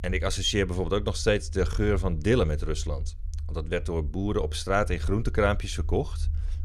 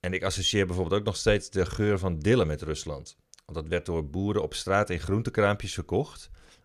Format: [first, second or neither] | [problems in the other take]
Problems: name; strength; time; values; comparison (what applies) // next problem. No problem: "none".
second | low rumble; faint; throughout; 25 dB below the speech